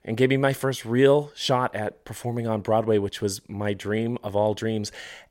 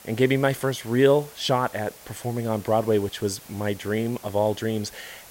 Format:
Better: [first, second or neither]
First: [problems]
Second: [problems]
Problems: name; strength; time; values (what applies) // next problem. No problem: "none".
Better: first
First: none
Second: hiss; noticeable; throughout; 20 dB below the speech